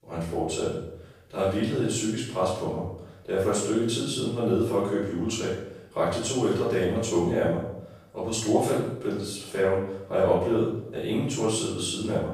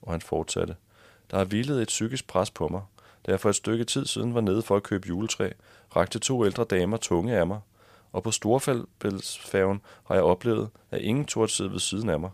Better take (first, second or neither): second